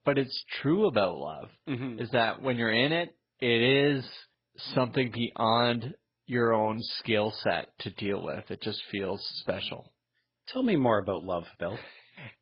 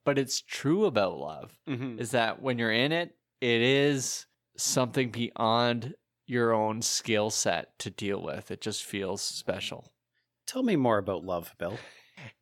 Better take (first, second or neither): second